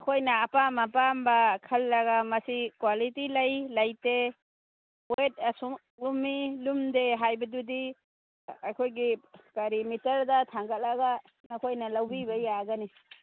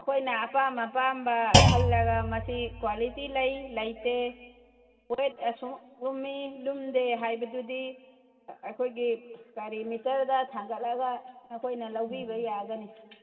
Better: first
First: none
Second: background sound (Thump, thud); 3 dB above the speech // room echo; dies away in 2.6 s

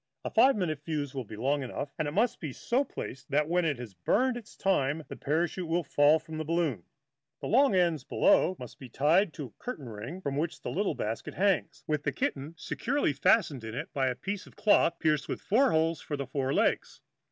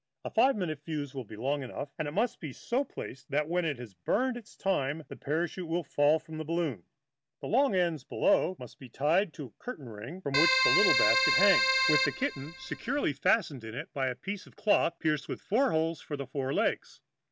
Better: first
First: none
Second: background sound (Keyboard (musical)); 3 dB above the speech

